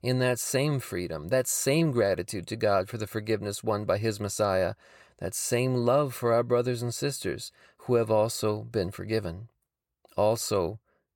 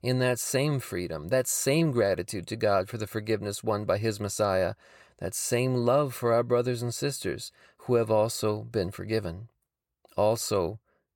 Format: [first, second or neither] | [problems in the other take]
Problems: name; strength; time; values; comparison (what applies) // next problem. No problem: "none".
neither | none